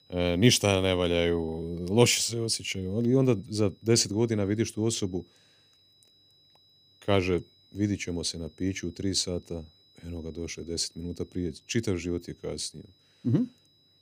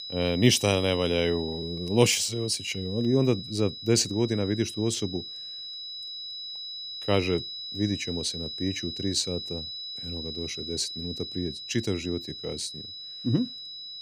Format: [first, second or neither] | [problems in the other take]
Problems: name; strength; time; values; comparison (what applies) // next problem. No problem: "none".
first | high-pitched whine; loud; throughout; 4 kHz, 8 dB below the speech; faint in the first